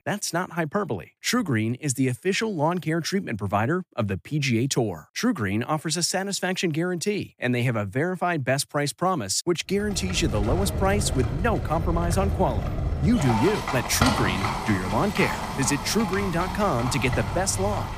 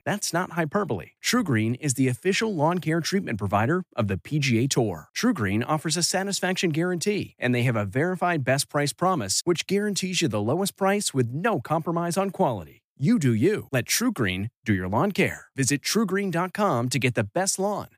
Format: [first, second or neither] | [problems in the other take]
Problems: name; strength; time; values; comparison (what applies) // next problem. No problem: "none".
second | animal sounds; loud; from 10 s on; 3 dB below the speech